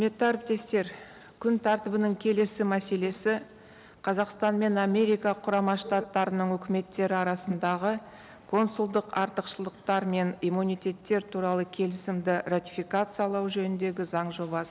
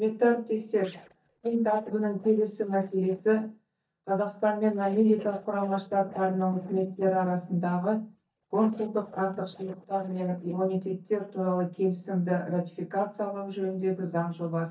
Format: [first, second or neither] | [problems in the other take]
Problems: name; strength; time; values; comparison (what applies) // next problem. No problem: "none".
first | noise reduction (neural mask model DeepFilterNet 3)